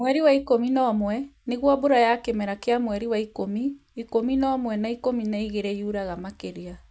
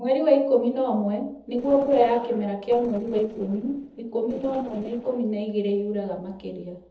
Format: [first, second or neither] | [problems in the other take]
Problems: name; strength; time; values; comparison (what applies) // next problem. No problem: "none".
first | noise reduction (neural separator model SepFormer DNS4)